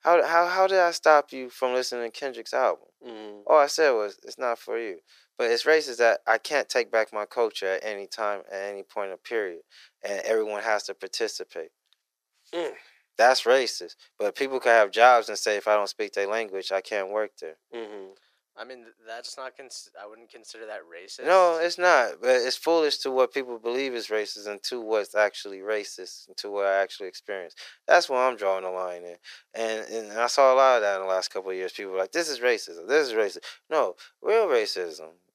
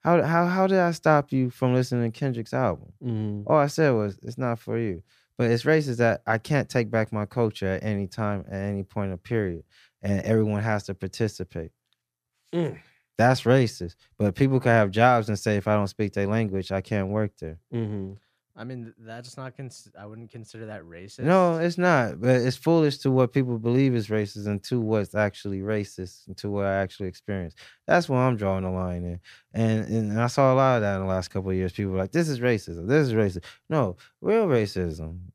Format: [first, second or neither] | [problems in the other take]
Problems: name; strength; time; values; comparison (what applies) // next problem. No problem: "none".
second | thin; very; fading below 450 Hz